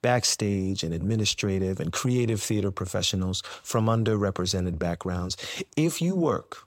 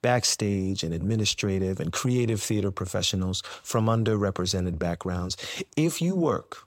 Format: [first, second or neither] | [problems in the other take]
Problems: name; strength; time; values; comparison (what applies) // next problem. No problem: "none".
neither | none